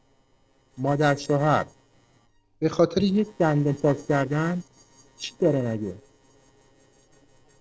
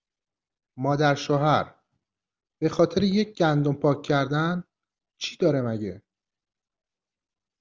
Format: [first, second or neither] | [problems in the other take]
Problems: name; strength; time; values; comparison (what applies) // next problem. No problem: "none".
second | noise reduction (neural separator model SepFormer DNS4)